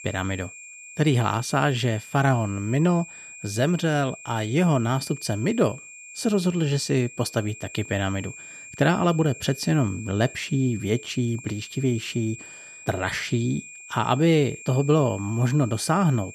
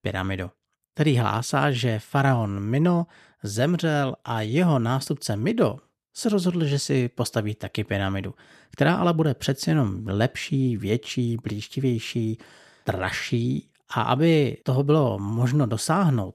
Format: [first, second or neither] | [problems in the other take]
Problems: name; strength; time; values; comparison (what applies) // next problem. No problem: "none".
second | high-pitched whine; noticeable; throughout; 2.5 kHz, 15 dB below the speech